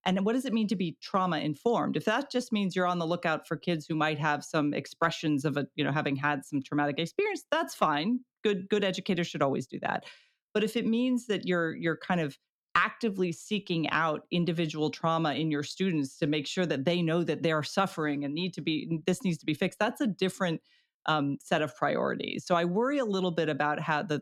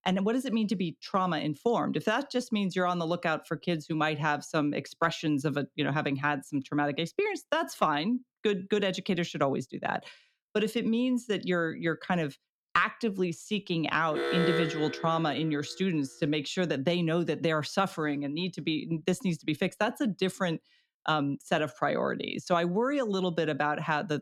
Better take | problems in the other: first | alarm; loud; from 14 to 15 s; peak 2 dB above the speech

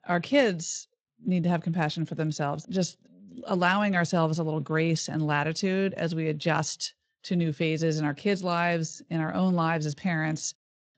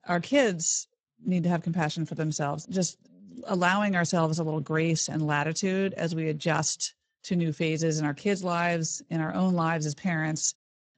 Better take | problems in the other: first | garbled, watery; badly; nothing above 7.5 kHz; slightly in the first

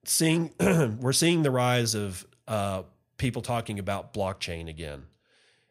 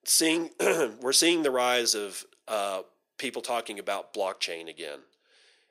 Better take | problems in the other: first | thin; very; fading below 350 Hz

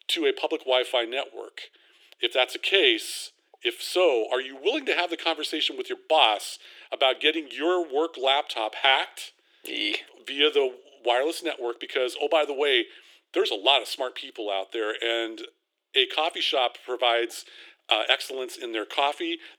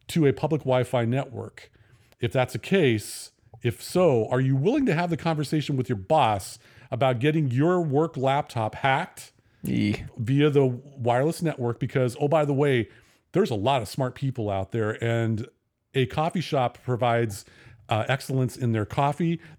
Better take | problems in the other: second | thin; very; fading below 350 Hz

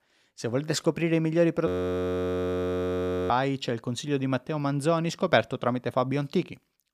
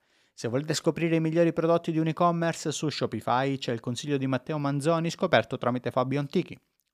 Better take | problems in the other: second | audio freezing; at 1.5 s for 1.5 s

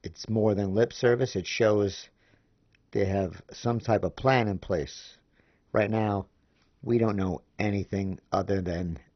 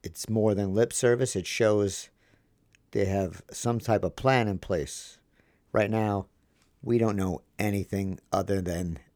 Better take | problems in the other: second | garbled, watery; badly; nothing above 6 kHz

